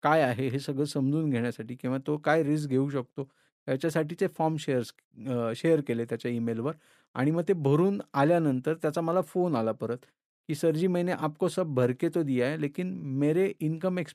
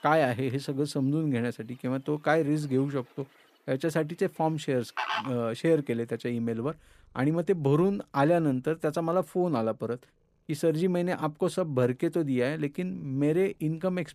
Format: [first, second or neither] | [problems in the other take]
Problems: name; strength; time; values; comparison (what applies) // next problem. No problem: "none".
first | animal sounds; loud; throughout; 7 dB below the speech